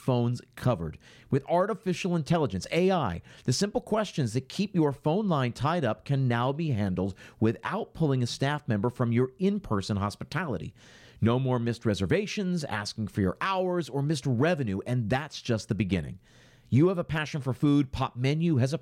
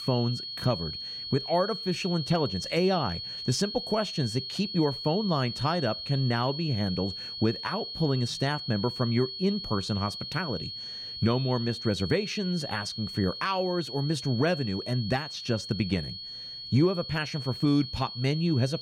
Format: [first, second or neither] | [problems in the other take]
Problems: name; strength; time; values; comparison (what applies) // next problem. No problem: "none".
first | high-pitched whine; loud; throughout; 4.5 kHz, 7 dB below the speech